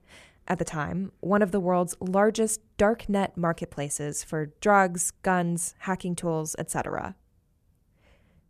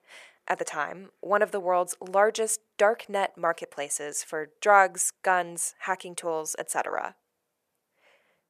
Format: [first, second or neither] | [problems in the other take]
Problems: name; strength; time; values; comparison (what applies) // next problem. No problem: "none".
first | thin; very; fading below 600 Hz